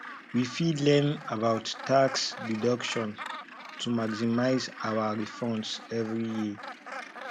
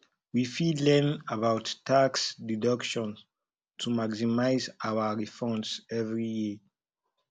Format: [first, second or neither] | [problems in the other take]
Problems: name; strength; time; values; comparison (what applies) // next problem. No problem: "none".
second | background sound (Gull, seagull); 13 dB below the speech